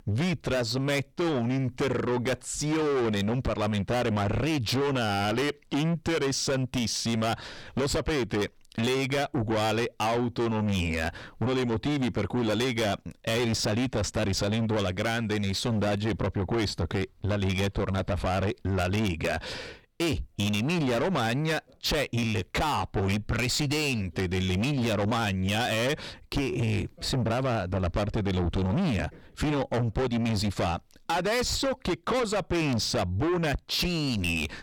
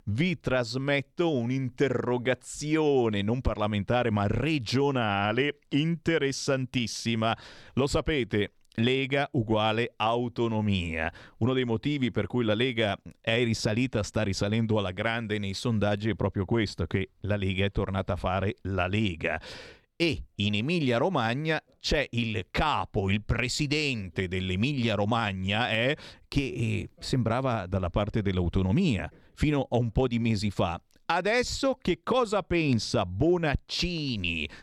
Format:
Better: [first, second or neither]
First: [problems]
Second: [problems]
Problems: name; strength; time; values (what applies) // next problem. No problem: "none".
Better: second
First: distortion; heavy; 6 dB below the speech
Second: none